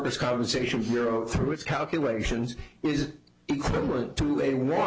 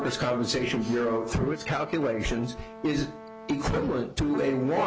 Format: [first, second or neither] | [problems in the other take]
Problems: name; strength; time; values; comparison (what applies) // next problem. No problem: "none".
first | background sound (Trumpet); 15 dB below the speech